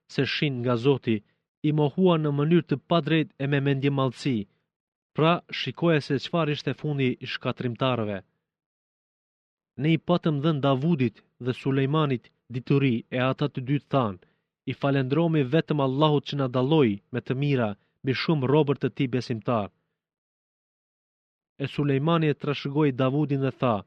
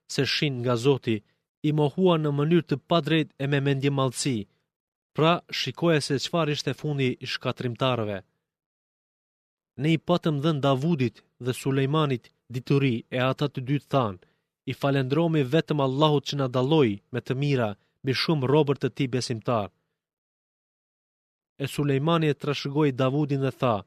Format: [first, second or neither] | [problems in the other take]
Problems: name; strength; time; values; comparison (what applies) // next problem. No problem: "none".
second | muffled; very slightly; fading above 3 kHz